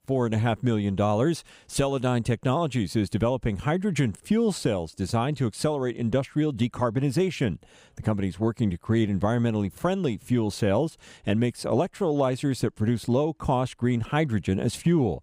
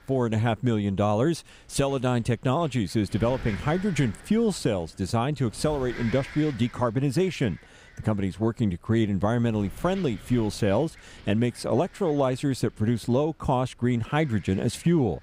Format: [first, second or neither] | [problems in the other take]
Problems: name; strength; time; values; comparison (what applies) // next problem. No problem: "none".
first | wind noise on the microphone; occasional gusts; 15 dB below the speech